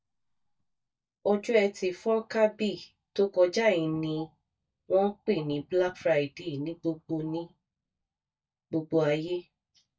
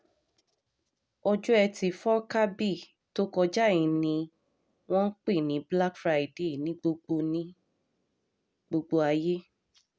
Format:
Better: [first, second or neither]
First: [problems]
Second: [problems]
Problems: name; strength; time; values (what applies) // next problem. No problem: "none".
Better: second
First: noise reduction (neural mask model DeepFilterNet 3)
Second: none